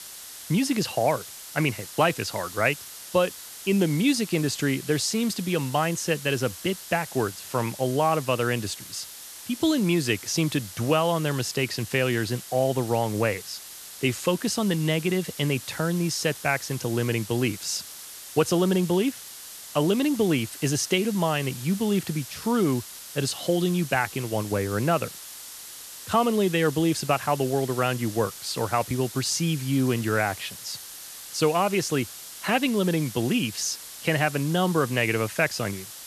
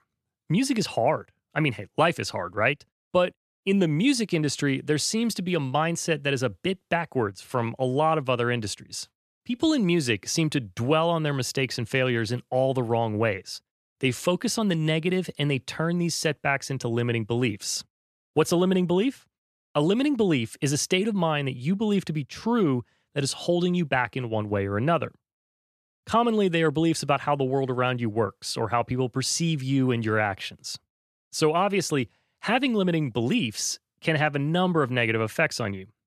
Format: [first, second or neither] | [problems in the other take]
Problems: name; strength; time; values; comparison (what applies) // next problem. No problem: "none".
second | hiss; noticeable; throughout; 15 dB below the speech